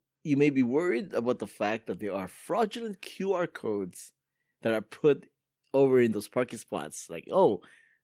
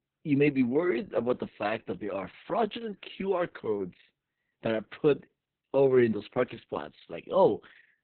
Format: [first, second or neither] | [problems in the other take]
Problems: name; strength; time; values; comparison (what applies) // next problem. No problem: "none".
first | garbled, watery; badly; nothing above 4 kHz; slightly in the first